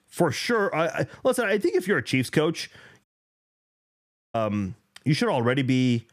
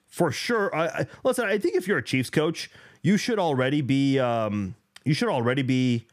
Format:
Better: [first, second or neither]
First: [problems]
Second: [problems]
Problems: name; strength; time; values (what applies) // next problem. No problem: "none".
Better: second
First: audio cutting out; at 3 s for 1.5 s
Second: none